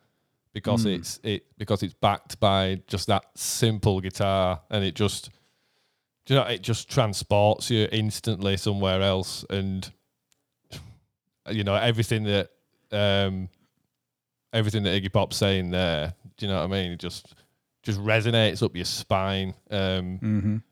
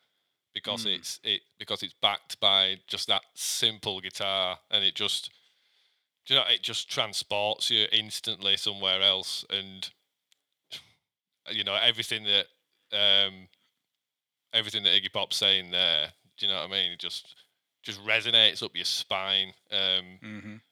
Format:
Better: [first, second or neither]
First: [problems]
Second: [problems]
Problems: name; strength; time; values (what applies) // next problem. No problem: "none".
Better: first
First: none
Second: thin; somewhat; fading below 900 Hz